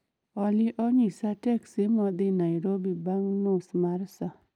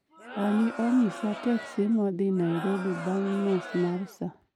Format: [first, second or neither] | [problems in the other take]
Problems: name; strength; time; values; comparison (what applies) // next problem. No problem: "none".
first | background sound (Crowd); 12 dB below the speech